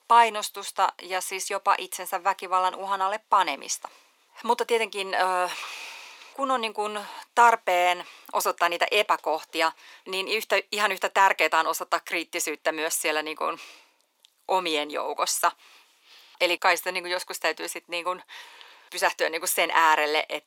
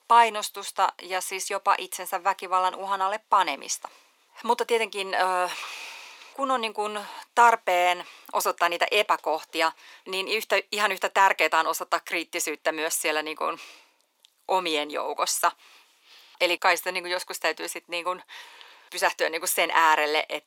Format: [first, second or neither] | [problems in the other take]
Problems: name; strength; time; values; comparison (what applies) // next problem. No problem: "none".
neither | thin; very; fading below 450 Hz; the same in both